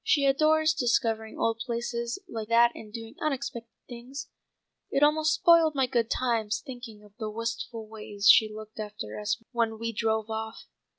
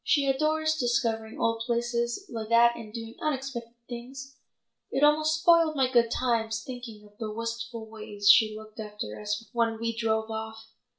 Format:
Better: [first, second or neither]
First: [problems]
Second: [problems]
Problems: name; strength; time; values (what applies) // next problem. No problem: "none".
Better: first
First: none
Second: room echo; dies away in 0.3 s